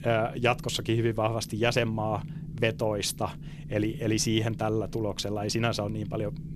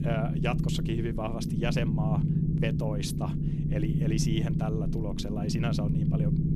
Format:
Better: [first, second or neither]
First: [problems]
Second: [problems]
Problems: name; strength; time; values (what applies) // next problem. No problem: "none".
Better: first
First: low rumble; faint; throughout; 20 dB below the speech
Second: low rumble; loud; throughout; 1 dB below the speech